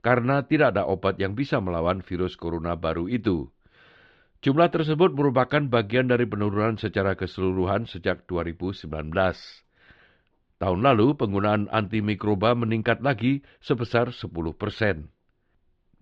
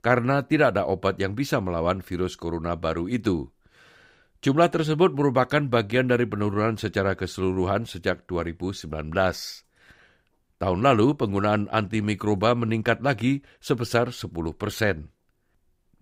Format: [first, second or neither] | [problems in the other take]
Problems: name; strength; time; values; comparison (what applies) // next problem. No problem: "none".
second | muffled; very slightly; fading above 3.5 kHz